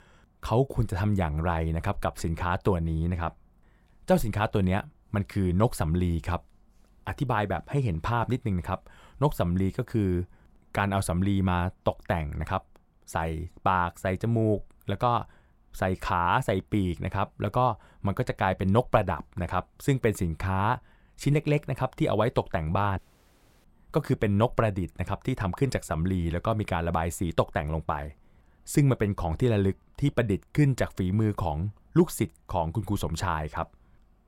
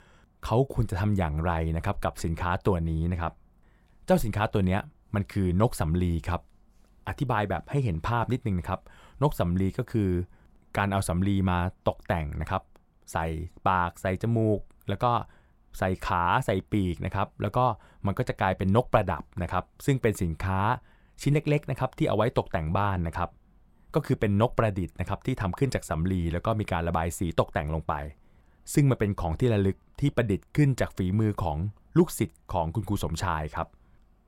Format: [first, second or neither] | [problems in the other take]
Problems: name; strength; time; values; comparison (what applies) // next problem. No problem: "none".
second | audio cutting out; at 23 s for 0.5 s